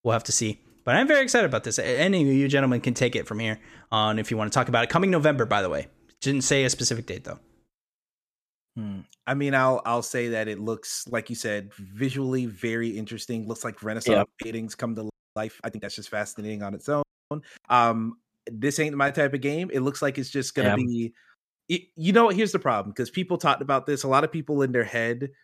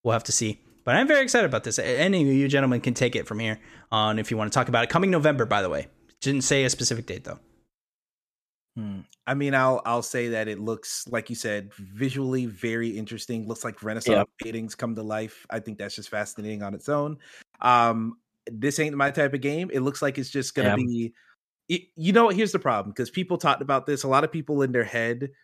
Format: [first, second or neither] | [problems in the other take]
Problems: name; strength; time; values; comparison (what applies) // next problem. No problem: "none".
second | audio freezing; at 15 s and at 17 s